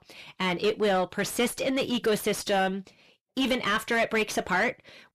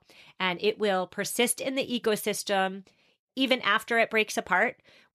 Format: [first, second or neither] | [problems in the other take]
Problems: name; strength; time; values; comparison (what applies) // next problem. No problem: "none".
second | distortion; heavy; 7 dB below the speech